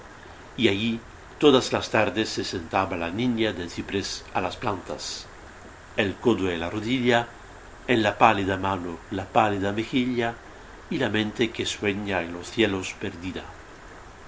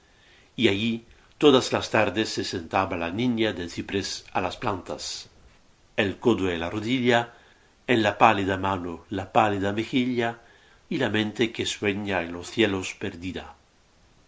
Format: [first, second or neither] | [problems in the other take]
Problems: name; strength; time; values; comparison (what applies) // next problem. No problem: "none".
second | background sound (Stream); 18 dB below the speech